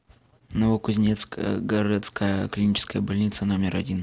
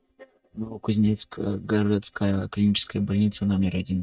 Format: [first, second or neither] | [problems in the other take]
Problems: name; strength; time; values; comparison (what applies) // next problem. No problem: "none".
first | noise reduction (neural mask model DeepFilterNet 3)